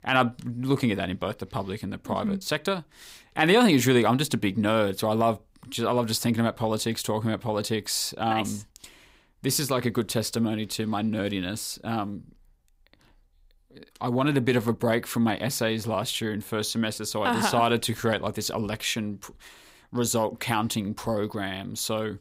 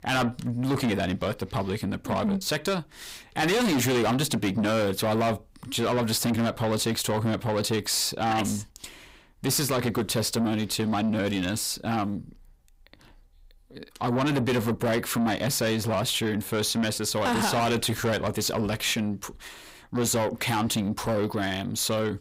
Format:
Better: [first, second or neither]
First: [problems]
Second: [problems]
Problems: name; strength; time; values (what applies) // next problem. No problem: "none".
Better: first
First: none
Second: distortion; heavy; 7 dB below the speech